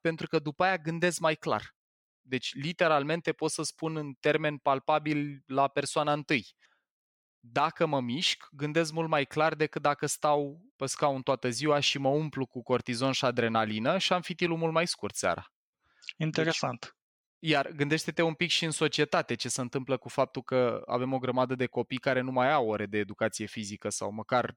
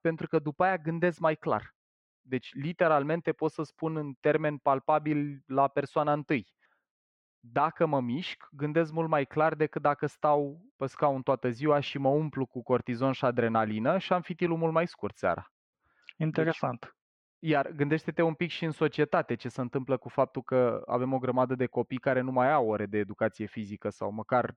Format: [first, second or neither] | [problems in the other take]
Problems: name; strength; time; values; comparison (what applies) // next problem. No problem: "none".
first | muffled; very; fading above 3.5 kHz